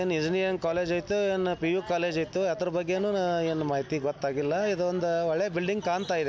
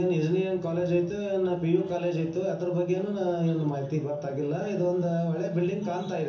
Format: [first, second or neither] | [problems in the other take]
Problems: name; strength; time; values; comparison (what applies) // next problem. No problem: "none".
first | room echo; dies away in 0.7 s